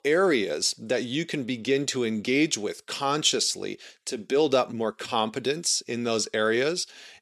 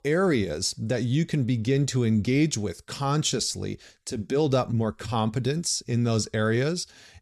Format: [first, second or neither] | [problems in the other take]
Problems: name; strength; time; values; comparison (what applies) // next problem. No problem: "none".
second | thin; somewhat; fading below 350 Hz